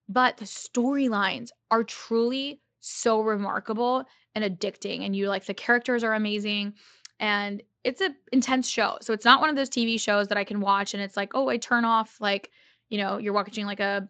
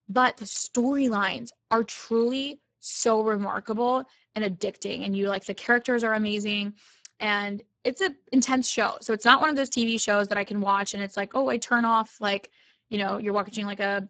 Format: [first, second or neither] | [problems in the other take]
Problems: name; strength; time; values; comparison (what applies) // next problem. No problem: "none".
first | garbled, watery; badly; nothing above 7.5 kHz; slightly in the first